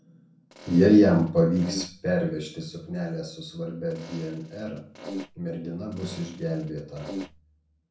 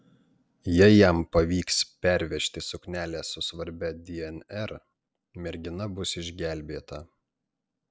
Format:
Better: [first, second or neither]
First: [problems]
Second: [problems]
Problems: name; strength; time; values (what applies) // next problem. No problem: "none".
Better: second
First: background sound (Fart); 14 dB below the speech // room echo; dies away in 0.5 s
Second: none